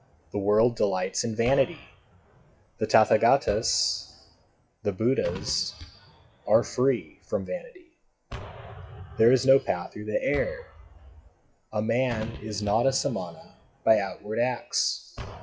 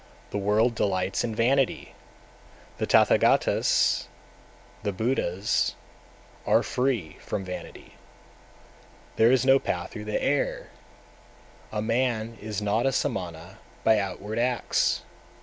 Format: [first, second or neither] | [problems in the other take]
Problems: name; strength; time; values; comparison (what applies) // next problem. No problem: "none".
second | noise reduction (classical method WPE with log-MMSE)